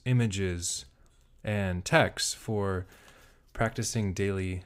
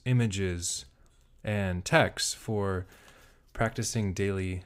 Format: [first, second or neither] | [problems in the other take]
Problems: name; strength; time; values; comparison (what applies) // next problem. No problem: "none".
neither | none